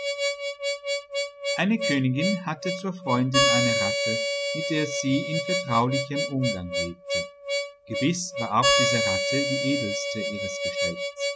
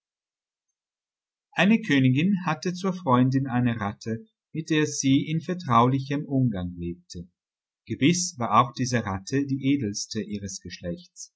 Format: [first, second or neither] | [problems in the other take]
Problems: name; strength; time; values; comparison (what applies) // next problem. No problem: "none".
second | background sound (Harmonica); 2 dB above the speech